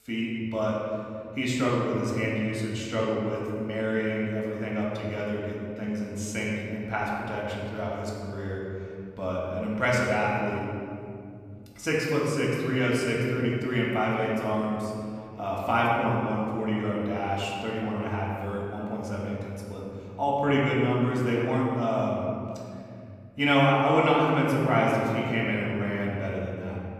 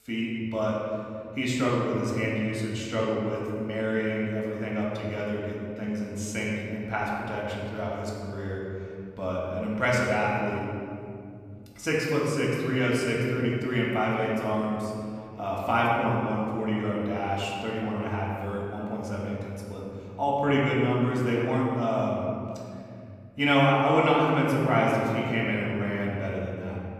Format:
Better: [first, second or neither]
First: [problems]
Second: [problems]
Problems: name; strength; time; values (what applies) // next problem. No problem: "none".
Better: neither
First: room echo; noticeable; dies away in 2.5 s // off-mic speech; far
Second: room echo; noticeable; dies away in 2.5 s // off-mic speech; far